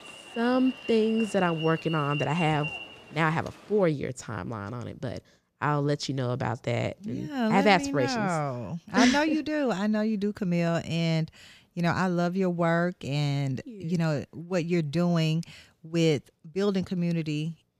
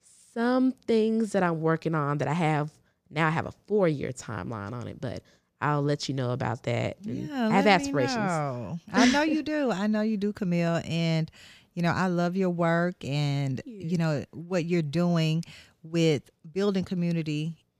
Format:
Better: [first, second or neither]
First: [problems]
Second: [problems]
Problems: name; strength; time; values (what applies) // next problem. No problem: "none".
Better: second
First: alarm; noticeable; until 4 s; peak 6 dB below the speech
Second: none